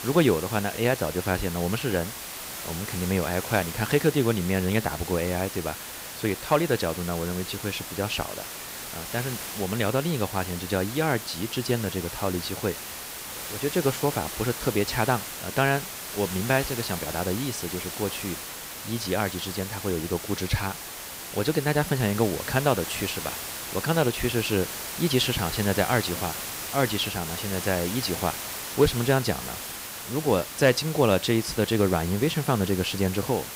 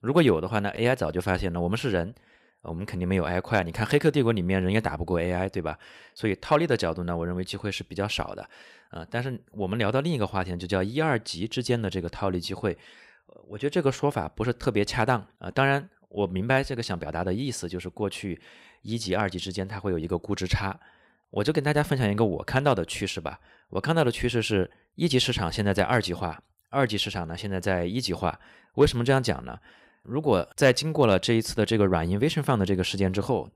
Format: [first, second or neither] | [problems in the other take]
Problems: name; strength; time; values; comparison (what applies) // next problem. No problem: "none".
second | hiss; loud; throughout; 7 dB below the speech